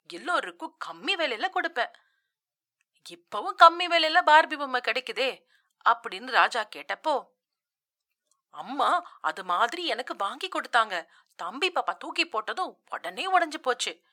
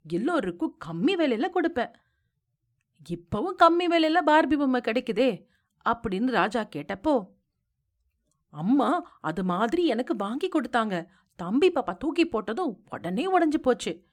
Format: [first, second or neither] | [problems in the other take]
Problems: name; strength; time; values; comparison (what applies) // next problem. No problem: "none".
second | thin; very; fading below 950 Hz